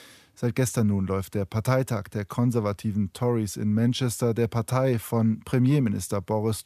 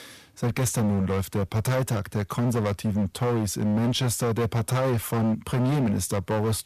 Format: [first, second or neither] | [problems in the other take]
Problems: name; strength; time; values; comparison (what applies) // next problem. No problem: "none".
first | distortion; heavy; 23% of the sound clipped